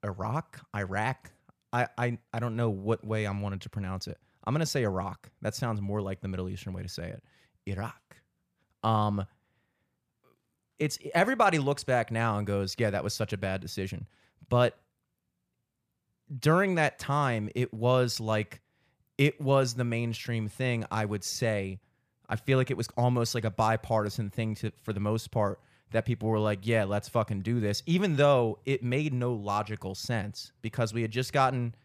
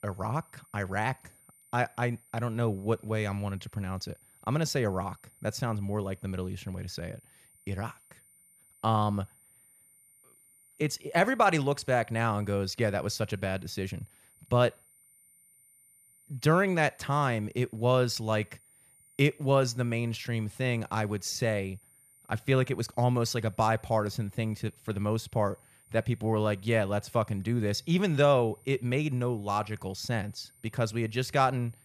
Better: first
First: none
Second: high-pitched whine; faint; throughout; 9 kHz, 30 dB below the speech

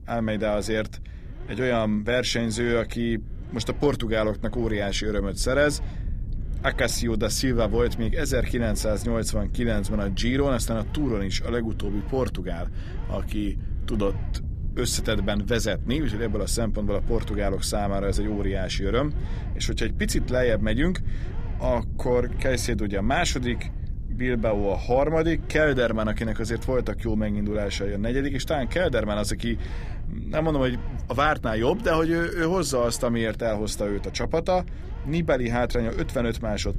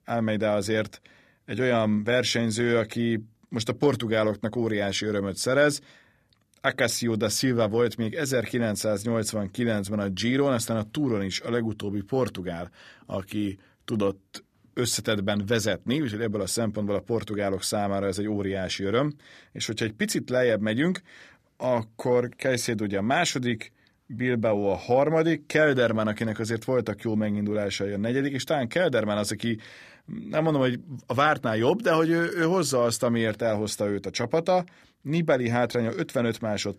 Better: second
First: low rumble; faint; throughout; 20 dB below the speech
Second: none

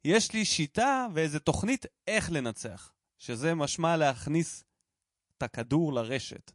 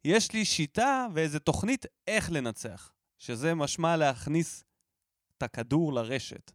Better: second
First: garbled, watery; slightly; nothing above 9.5 kHz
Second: none

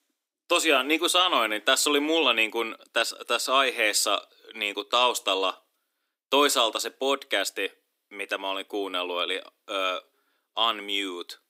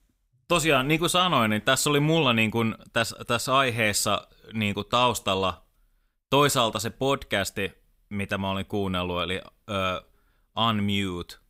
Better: second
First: thin; somewhat; fading below 300 Hz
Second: none

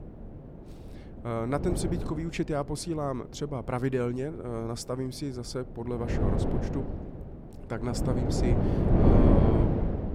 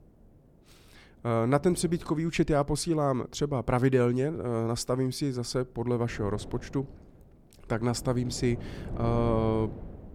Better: second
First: wind noise on the microphone; heavy; 2 dB above the speech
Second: wind noise on the microphone; occasional gusts; 15 dB below the speech

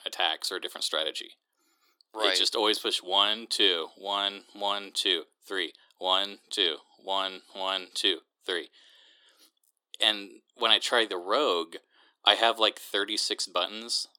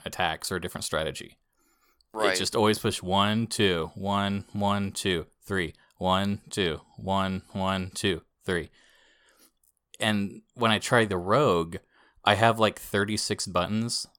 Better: second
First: thin; somewhat; fading below 300 Hz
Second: none

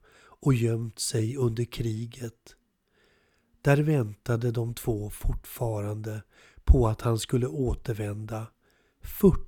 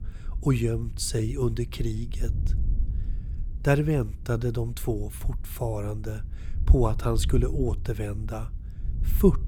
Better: first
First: none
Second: wind noise on the microphone; occasional gusts; 20 dB below the speech

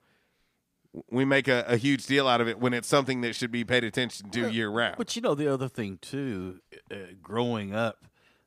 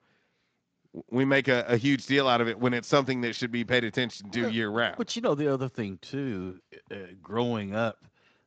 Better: first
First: none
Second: garbled, watery; slightly; nothing above 7.5 kHz

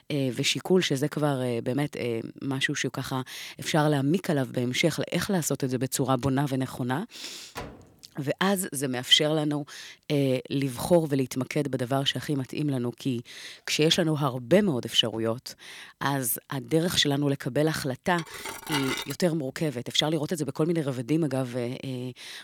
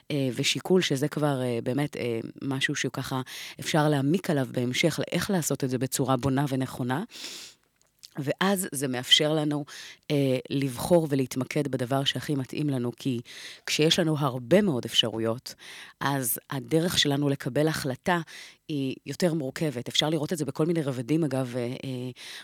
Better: second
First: door banging; faint; at 7.5 s; peak 15 dB below the speech // clattering dishes; noticeable; at 18 s; peak 3 dB below the speech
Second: none

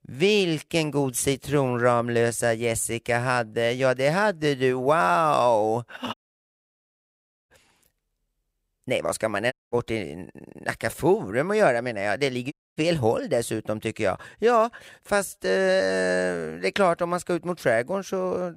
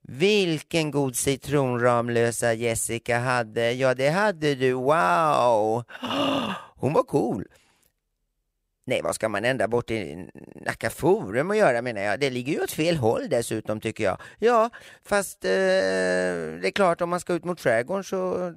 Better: second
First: audio cutting out; at 6 s for 1.5 s, at 9.5 s and at 13 s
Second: none

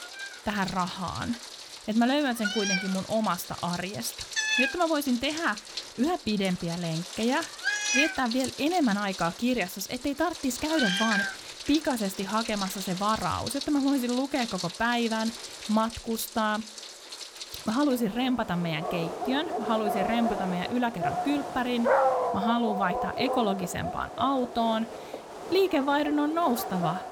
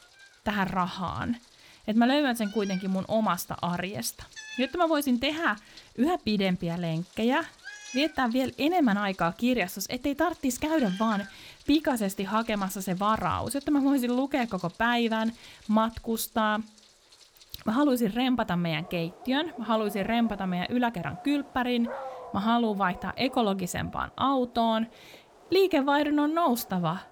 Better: second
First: animal sounds; loud; throughout; 4 dB below the speech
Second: animal sounds; faint; throughout; 20 dB below the speech

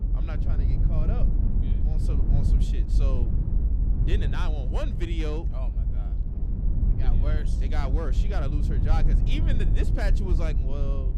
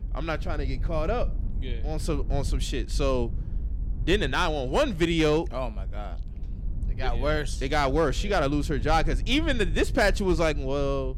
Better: second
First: low rumble; loud; throughout; 4 dB below the speech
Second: low rumble; faint; throughout; 25 dB below the speech

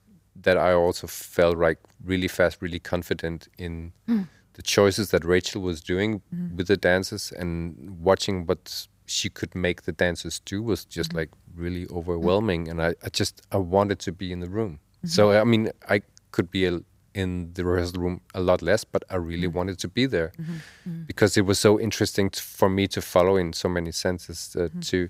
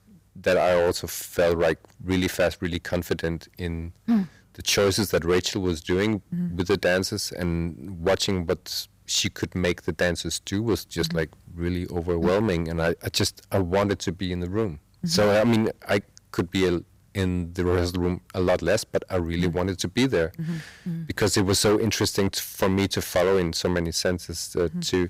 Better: first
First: none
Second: distortion; heavy; 6% of the sound clipped

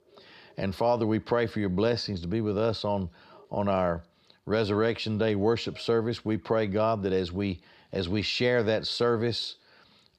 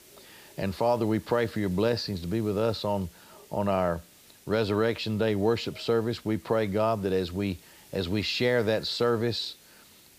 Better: first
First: none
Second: hiss; faint; throughout; 25 dB below the speech

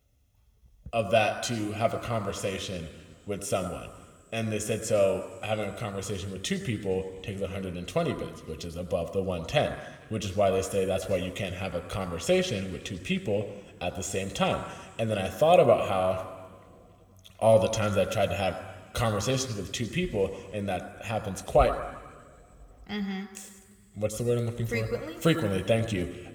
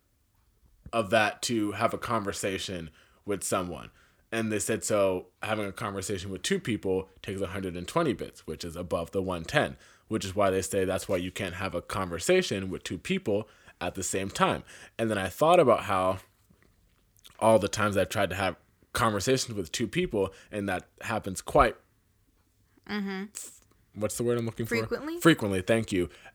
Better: second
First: room echo; slight; dies away in 2.1 s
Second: none

